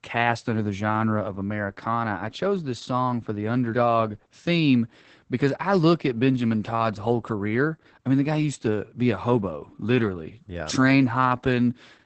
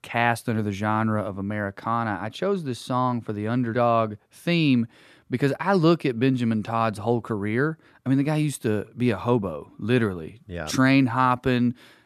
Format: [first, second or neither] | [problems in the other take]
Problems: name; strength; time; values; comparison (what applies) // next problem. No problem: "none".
second | garbled, watery; badly; nothing above 8 kHz